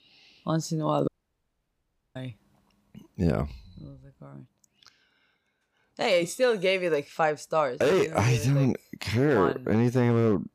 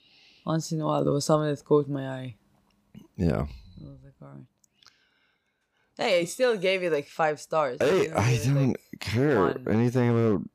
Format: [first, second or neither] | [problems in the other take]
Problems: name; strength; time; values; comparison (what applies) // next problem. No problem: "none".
second | audio cutting out; at 1 s for 1 s